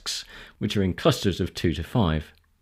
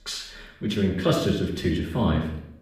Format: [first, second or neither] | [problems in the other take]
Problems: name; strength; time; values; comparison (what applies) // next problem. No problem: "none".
first | off-mic speech; far // room echo; noticeable; dies away in 0.6 s